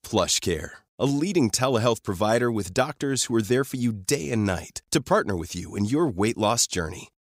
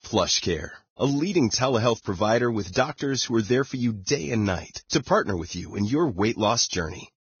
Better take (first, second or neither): first